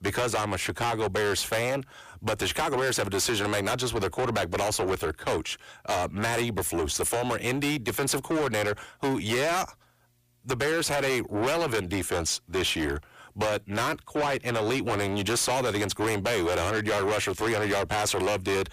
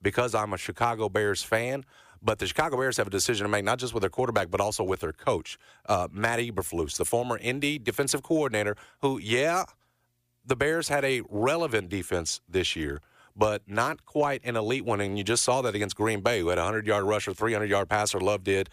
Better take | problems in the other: second | distortion; heavy; 6 dB below the speech

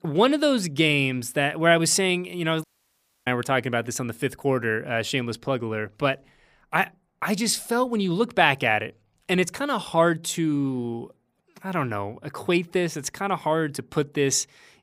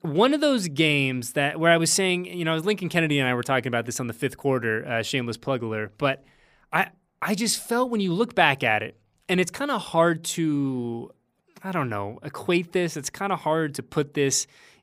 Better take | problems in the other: second | audio cutting out; at 2.5 s for 0.5 s

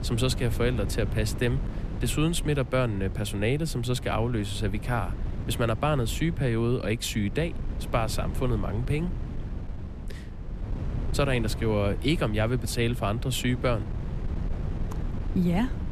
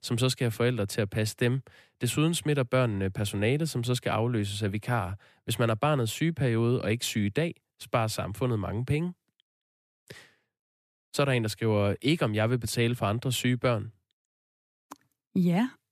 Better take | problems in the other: second | wind noise on the microphone; occasional gusts; 15 dB below the speech

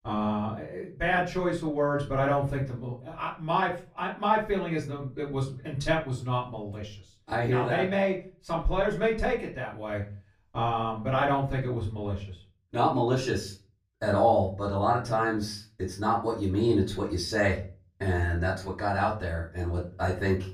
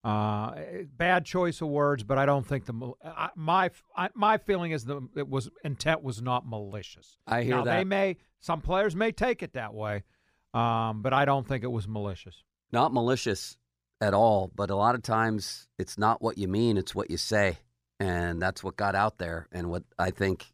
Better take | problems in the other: second | off-mic speech; far // room echo; slight; dies away in 0.3 s

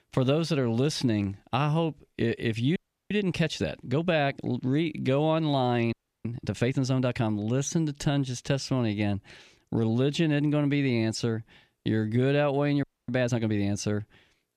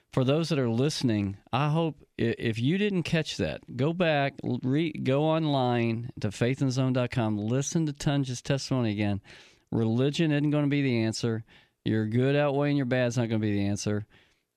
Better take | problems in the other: second | audio freezing; at 3 s, at 6 s and at 13 s

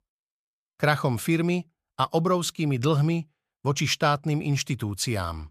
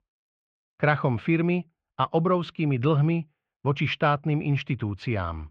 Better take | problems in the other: first | muffled; very; fading above 2.5 kHz

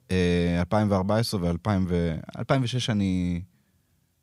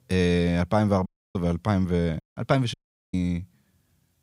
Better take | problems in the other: first | audio cutting out; at 1 s, at 2 s and at 2.5 s

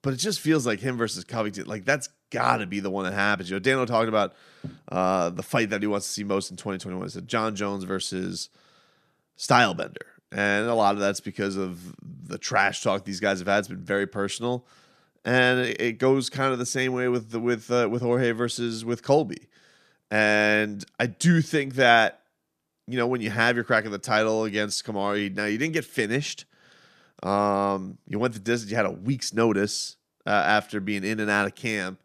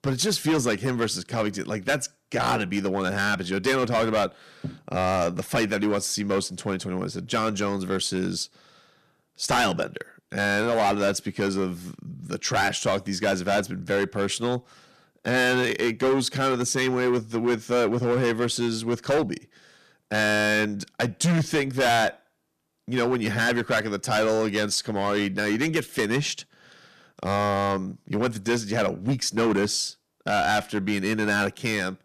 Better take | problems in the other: first | distortion; heavy; 9% of the sound clipped

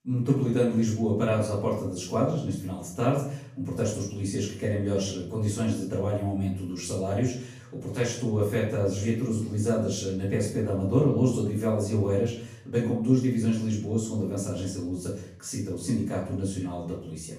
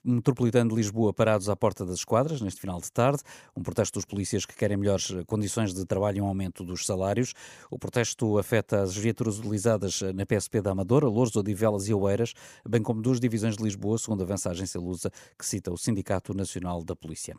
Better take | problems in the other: second | off-mic speech; far // room echo; noticeable; dies away in 0.6 s

